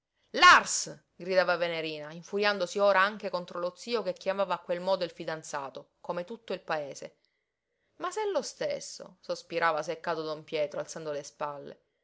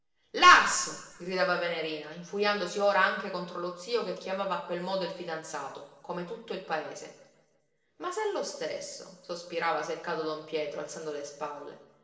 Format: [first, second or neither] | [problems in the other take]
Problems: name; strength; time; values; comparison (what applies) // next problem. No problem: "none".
first | room echo; dies away in 1.1 s